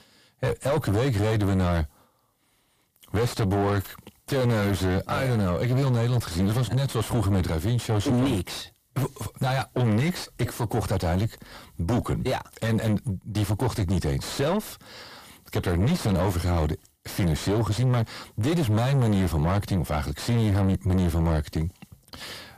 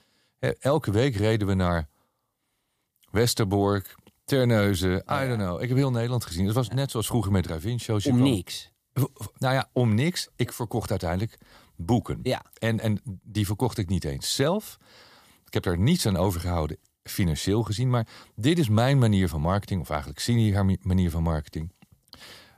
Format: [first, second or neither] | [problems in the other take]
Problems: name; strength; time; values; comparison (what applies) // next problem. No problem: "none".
second | distortion; heavy; 6 dB below the speech